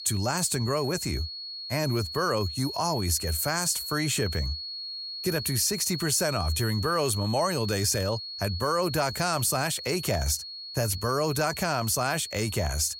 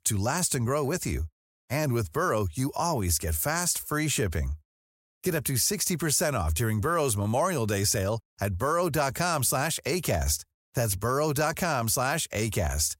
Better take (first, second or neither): second